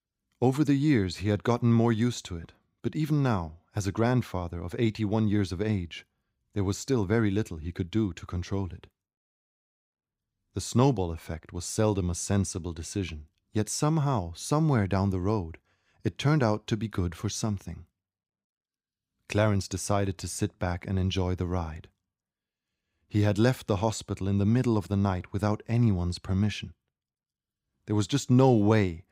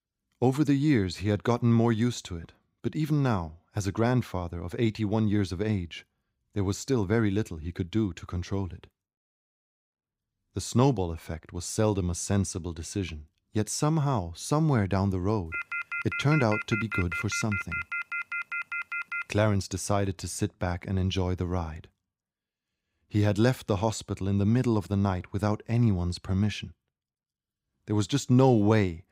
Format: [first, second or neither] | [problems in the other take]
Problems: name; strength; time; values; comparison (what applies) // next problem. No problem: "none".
first | phone ringing; noticeable; from 16 to 19 s; peak 4 dB below the speech